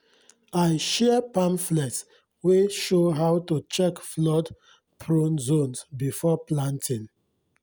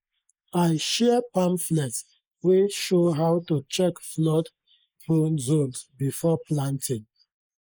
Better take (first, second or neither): first